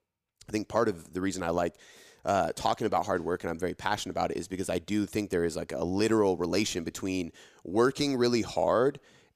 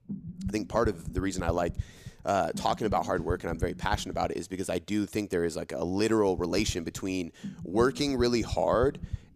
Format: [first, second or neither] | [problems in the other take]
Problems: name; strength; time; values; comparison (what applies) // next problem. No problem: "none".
first | low rumble; faint; until 4 s and from 6.5 s on; 20 dB below the speech